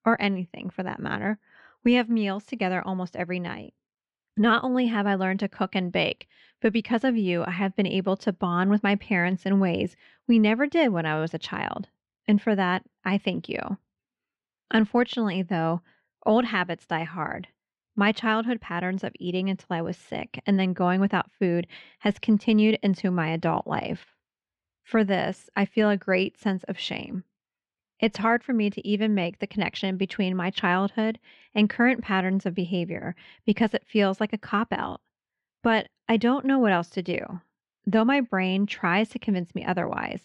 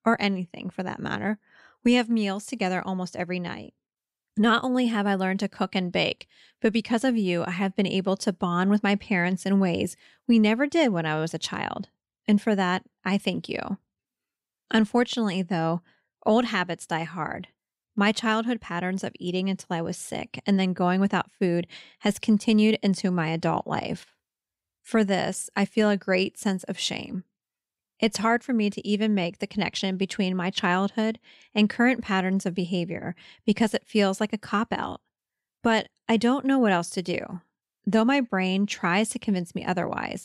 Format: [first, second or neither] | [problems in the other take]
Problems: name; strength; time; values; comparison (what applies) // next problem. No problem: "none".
second | muffled; slightly; fading above 2.5 kHz